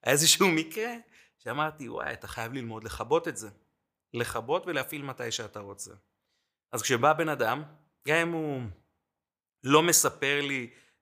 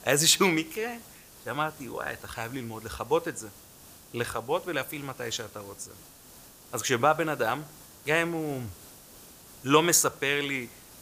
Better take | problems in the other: first | hiss; faint; throughout; 20 dB below the speech

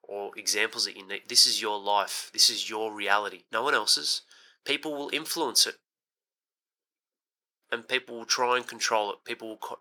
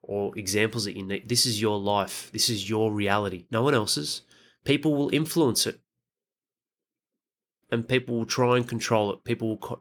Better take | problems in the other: second | thin; very; fading below 600 Hz

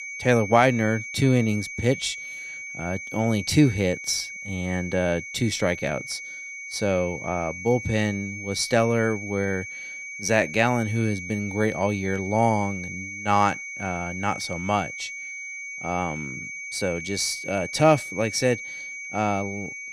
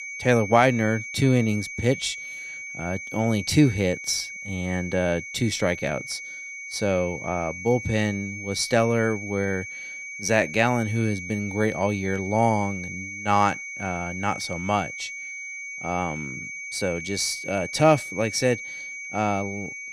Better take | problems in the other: neither | high-pitched whine; loud; throughout; 2.5 kHz, 9 dB below the speech; the same in both

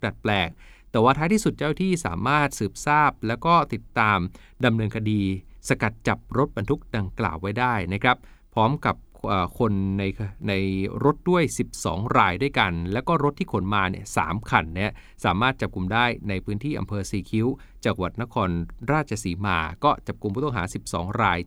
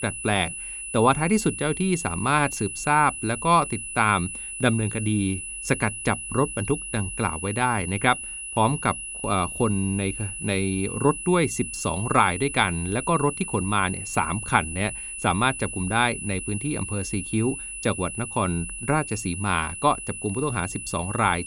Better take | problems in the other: first | high-pitched whine; loud; throughout; 10 kHz, 7 dB below the speech

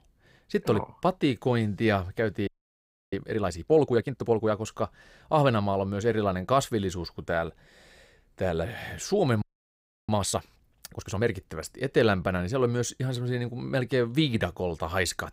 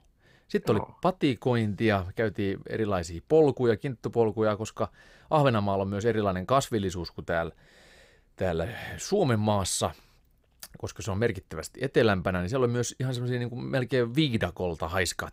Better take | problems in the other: second | audio freezing; at 2.5 s for 0.5 s and at 9.5 s for 0.5 s

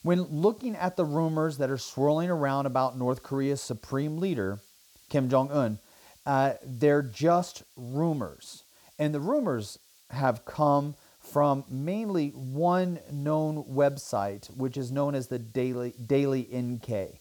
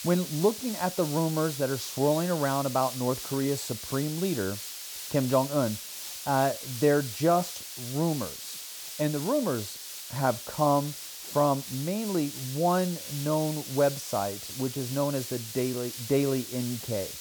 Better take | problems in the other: first | hiss; loud; throughout; 8 dB below the speech; faint in the first

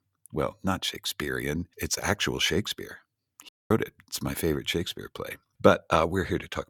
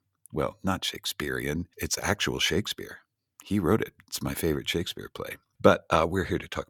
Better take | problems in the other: second | audio cutting out; at 3.5 s

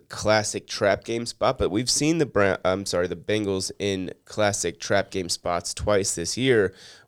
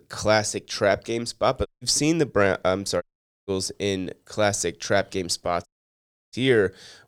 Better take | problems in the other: first | audio cutting out; at 1.5 s, at 3 s and at 5.5 s for 0.5 s

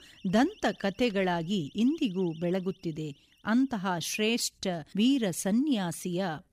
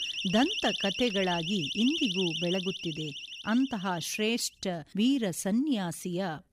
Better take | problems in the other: first | alarms or sirens; loud; throughout; 3 dB below the speech; faint in the first

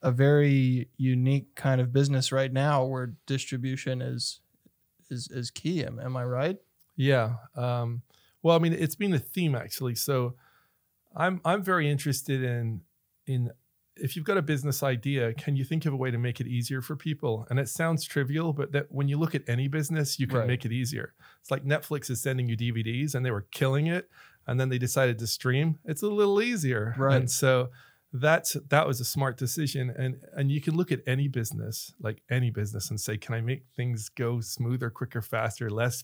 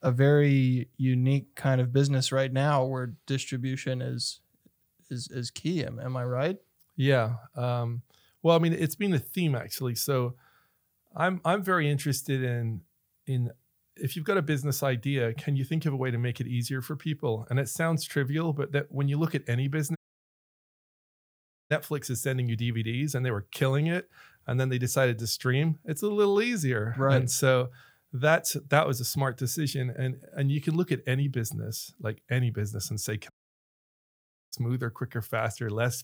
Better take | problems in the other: first | audio cutting out; at 20 s for 1.5 s and at 33 s for 1 s

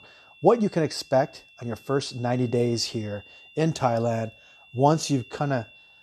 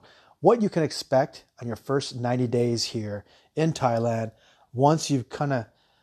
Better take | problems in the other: second | high-pitched whine; faint; throughout; 2.5 kHz, 25 dB below the speech

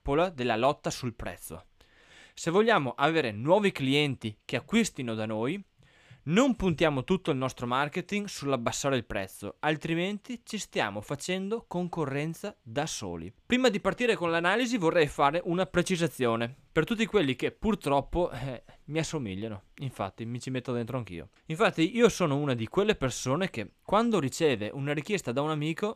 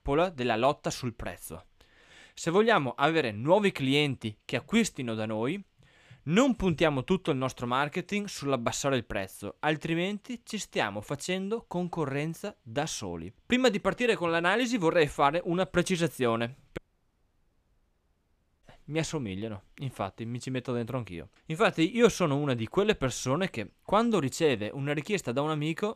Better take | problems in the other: first | audio cutting out; at 17 s for 2 s

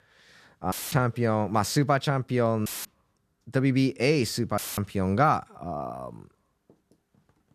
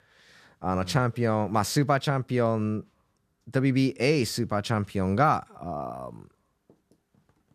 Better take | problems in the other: second | audio cutting out; filled with static; at 0.5 s, at 2.5 s and at 4.5 s

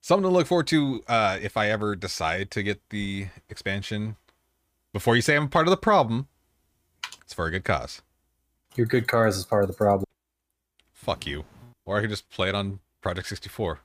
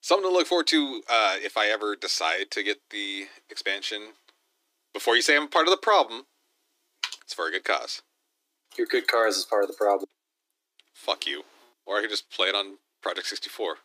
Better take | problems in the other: first | thin; somewhat; fading below 300 Hz

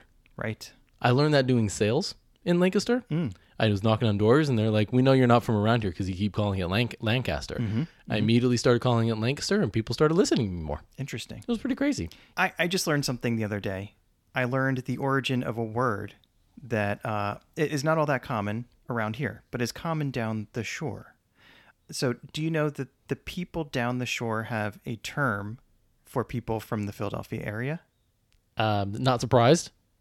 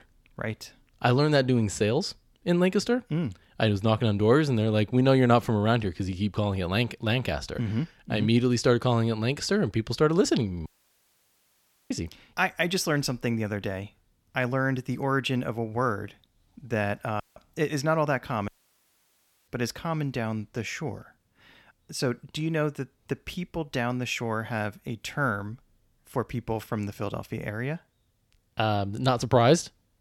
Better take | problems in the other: first | audio cutting out; at 11 s for 1 s, at 17 s and at 18 s for 1 s

